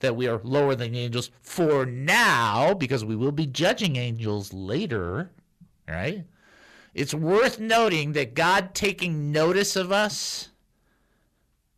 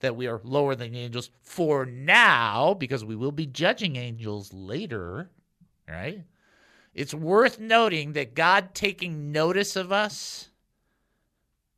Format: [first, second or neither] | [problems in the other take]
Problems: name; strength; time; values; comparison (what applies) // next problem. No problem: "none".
second | distortion; heavy; 7 dB below the speech